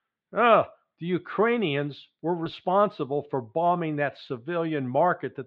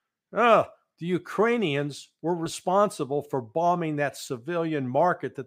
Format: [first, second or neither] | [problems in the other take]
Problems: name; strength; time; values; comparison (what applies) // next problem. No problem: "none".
second | muffled; slightly; fading above 3.5 kHz